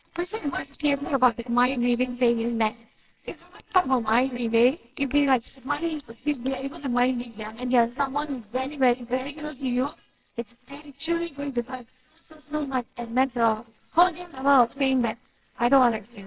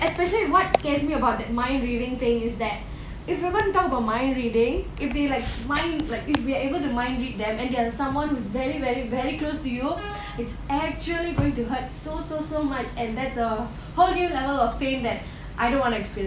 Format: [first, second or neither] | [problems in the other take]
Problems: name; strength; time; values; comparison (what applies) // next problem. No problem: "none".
second | noise reduction (neural separator model SepFormer WHAMR!)